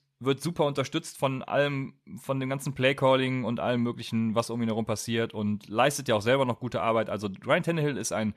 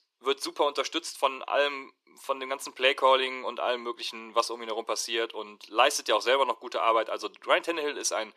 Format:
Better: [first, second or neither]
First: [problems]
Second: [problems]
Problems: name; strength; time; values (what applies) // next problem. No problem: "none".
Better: first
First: none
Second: thin; very; fading below 350 Hz